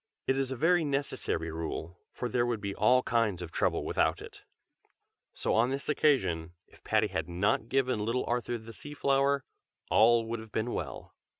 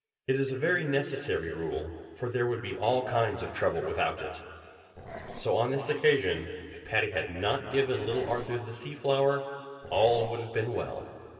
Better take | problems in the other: first | background sound (Growling); 15 dB below the speech // room echo; dies away in 2.7 s

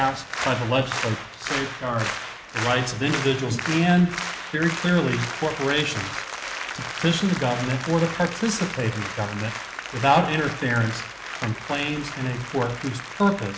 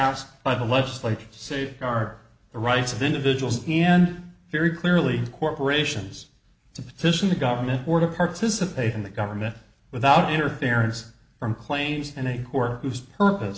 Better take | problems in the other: second | background sound (Applause); 8 dB below the speech

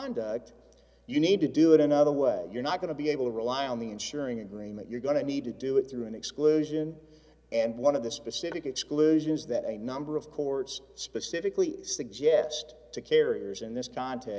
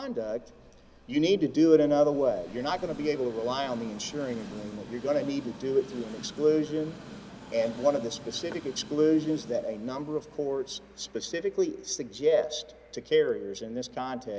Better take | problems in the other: first | background sound (Train); 18 dB below the speech

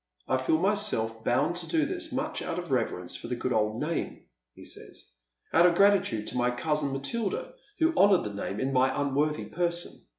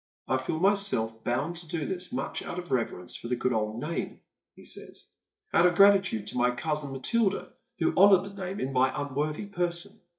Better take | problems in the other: first | noise reduction (neural mask model DeepFilterNet 3)

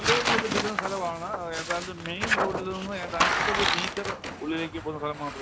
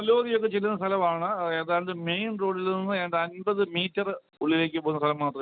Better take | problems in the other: second | background sound (Tearing); 3 dB above the speech

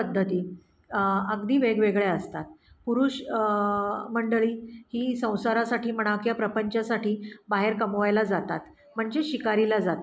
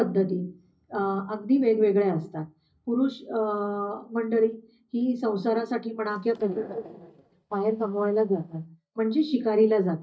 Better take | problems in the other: first | noise reduction (neural mask model DeepFilterNet 3)

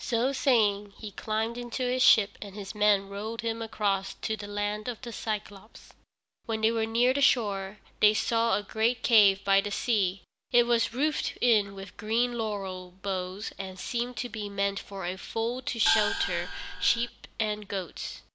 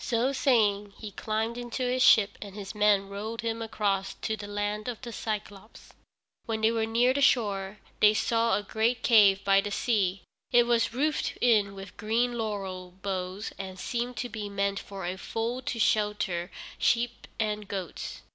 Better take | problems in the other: second | background sound (Gong); 2 dB below the speech

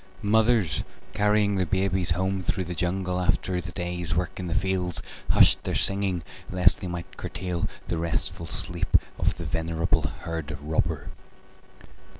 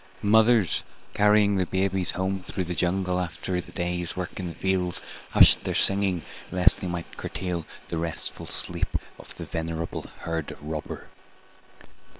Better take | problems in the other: first | noise reduction (neural separator model SepFormer WHAM!)

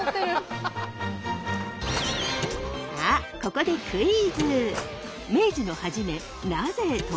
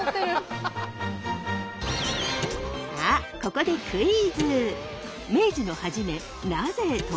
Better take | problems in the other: second | background sound (Cutlery, silverware / Drawer open or close); 13 dB below the speech

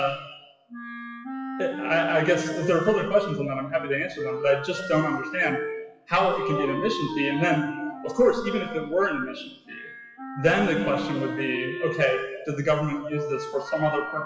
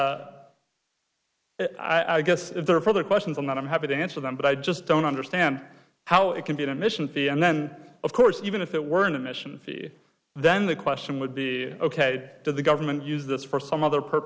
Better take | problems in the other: second | noise reduction (classical method WPE with log-MMSE)

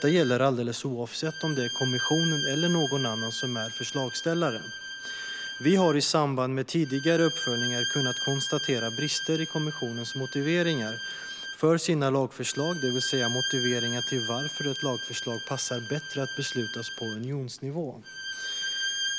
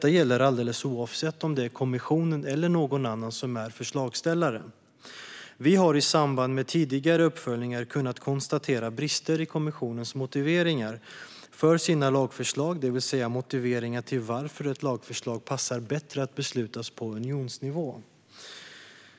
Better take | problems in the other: second | background sound (Bowed string instrument); 6 dB below the speech

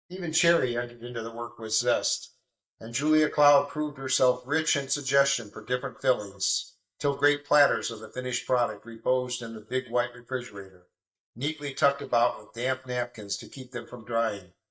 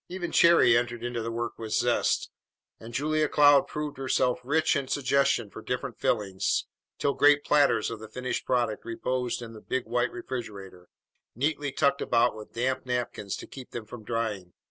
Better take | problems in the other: second | noise reduction (neural mask model DeepFilterNet 3)

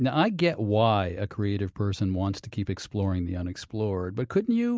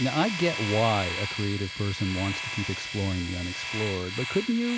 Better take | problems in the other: first | background sound (Domestic sounds, home sounds); 6 dB below the speech

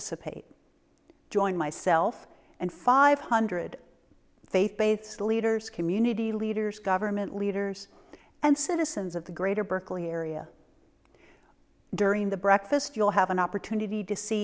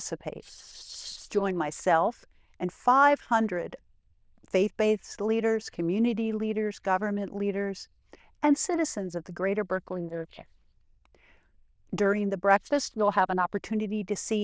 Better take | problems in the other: first | noise reduction (neural diffusion model UNIVERSE++)

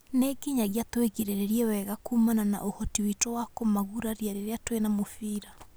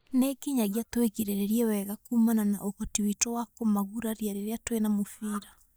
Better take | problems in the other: first | noise reduction (neural mask model DeepFilterNet 3)

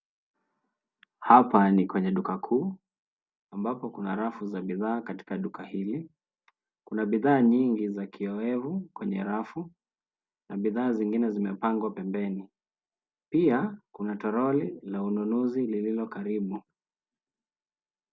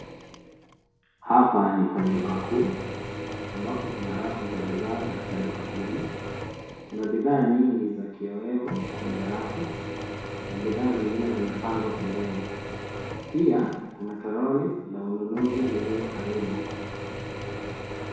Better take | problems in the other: first | background sound (Drill / Mechanisms); 8 dB below the speech // room echo; dies away in 1.1 s

